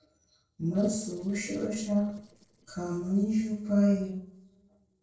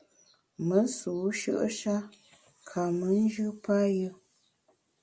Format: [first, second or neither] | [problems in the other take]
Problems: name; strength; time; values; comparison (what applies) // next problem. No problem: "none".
second | noise reduction (neural separator model SepFormer DNS4)